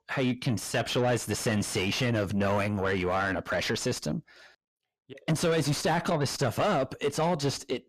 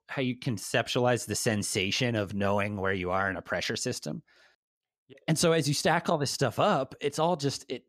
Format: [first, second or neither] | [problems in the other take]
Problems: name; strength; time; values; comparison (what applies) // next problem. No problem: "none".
second | distortion; heavy; 7 dB below the speech